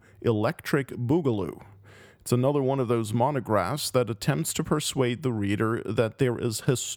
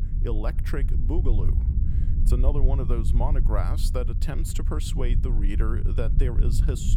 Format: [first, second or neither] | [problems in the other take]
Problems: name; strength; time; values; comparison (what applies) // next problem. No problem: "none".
first | low rumble; loud; throughout; 7 dB below the speech